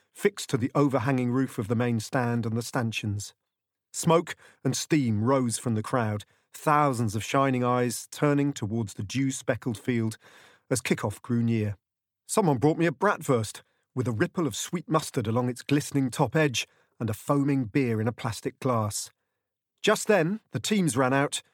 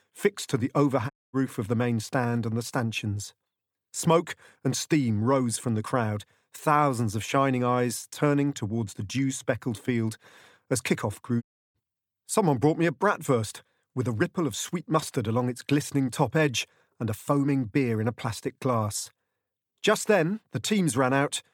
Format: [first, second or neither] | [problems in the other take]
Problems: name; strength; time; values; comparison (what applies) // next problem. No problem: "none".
first | audio cutting out; at 1 s and at 11 s